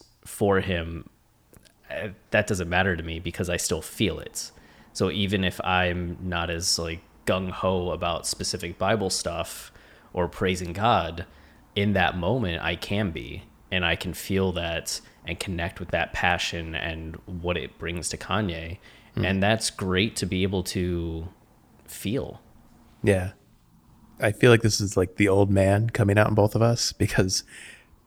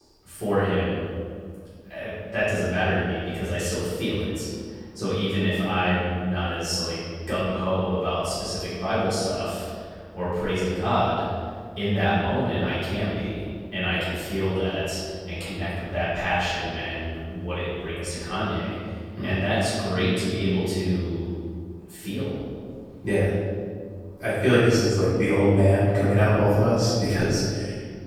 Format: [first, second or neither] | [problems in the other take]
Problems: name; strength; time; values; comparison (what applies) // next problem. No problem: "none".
first | off-mic speech; far // room echo; strong; dies away in 1.9 s